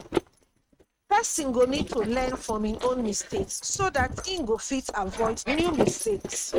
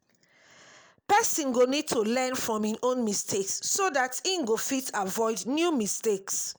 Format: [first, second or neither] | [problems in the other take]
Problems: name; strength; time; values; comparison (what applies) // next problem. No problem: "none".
second | noise reduction (neural mask model RNNoise)